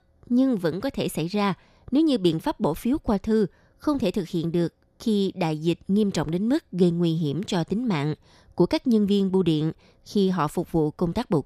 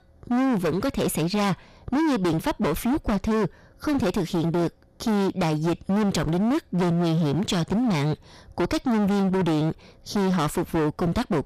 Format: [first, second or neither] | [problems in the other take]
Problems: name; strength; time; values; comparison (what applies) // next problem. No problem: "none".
first | distortion; heavy; 32% of the sound clipped